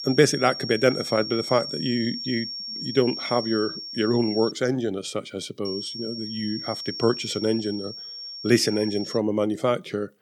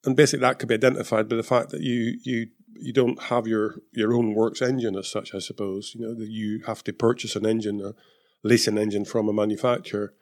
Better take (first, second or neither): second